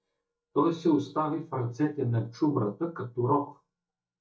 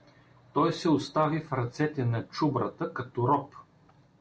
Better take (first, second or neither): second